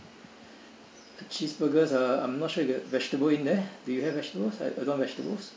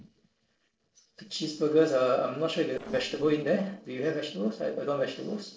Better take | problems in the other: first | noise reduction (neural separator model SepFormer DNS4)

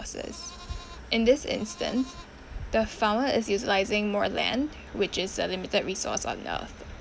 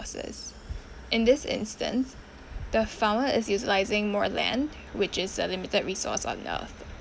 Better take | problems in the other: second | background sound (Livestock, farm animals, working animals); 20 dB below the speech

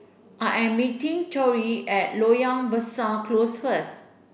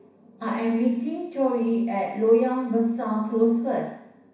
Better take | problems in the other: first | room echo; dies away in 0.6 s

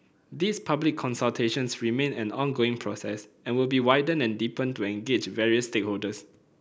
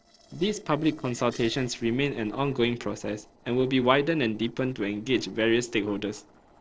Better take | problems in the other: first | noise reduction (neural separator model SepFormer DNS4)

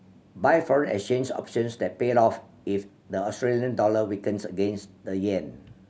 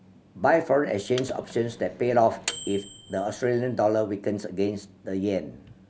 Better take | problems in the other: first | background sound (Microwave oven); 14 dB below the speech

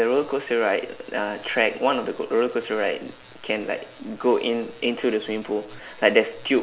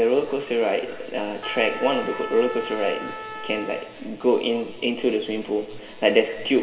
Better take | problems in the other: first | background sound (Trumpet); 12 dB below the speech // room echo; dies away in 2.3 s

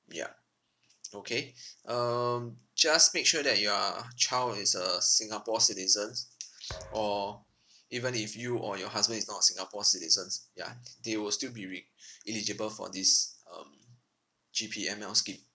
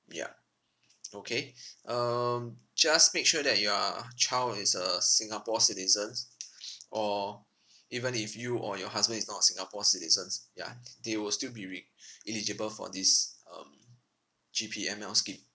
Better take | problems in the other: second | background sound (Thump, thud); 17 dB below the speech

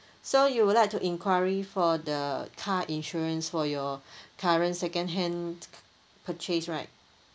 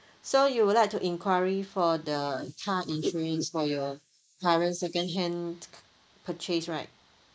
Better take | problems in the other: first | noise reduction (neural mask model Resemble Enhance denoiser)

